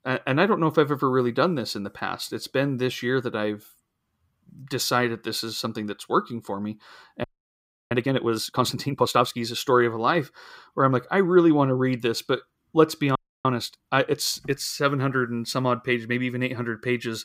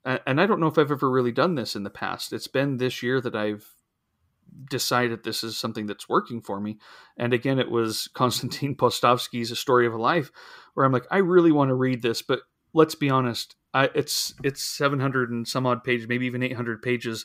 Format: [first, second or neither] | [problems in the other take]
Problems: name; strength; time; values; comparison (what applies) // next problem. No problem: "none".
second | audio freezing; at 7 s for 0.5 s and at 13 s